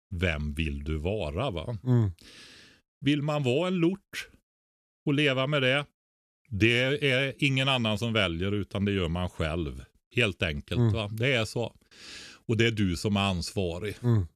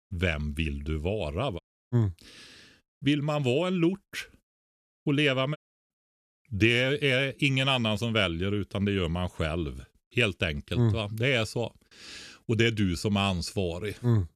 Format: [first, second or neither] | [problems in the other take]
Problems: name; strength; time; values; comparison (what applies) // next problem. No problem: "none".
first | audio cutting out; at 1.5 s and at 5.5 s